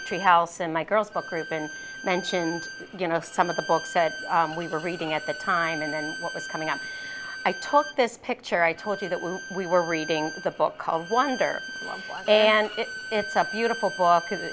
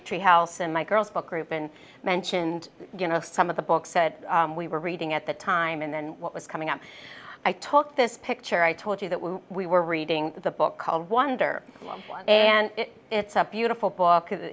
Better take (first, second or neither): second